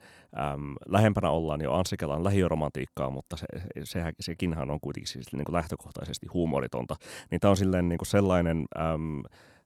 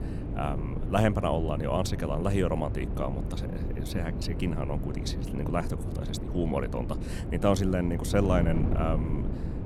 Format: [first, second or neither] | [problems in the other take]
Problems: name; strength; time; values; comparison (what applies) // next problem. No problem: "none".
first | wind noise on the microphone; heavy; 10 dB below the speech